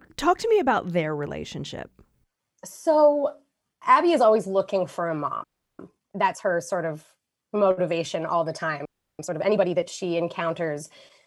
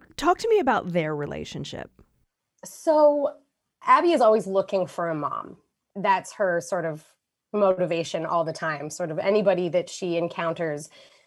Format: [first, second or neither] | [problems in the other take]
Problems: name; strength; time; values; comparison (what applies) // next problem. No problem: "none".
second | audio freezing; at 5.5 s and at 9 s